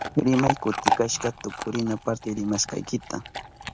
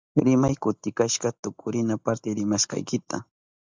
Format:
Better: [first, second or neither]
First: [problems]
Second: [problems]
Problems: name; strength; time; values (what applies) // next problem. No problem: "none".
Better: second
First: background sound (Chewing, mastication / Dog); 5 dB below the speech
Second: none